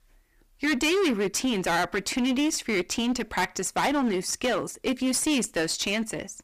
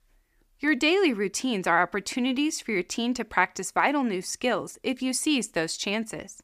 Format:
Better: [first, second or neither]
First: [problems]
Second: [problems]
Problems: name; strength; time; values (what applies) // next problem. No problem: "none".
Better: second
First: distortion; heavy; 17% of the sound clipped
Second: none